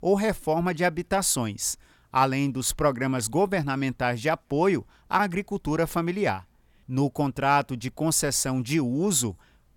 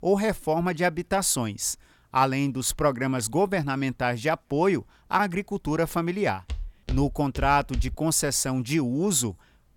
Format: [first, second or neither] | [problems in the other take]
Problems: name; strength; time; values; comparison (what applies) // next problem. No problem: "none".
first | footsteps; noticeable; from 6.5 to 8 s; peak 7 dB below the speech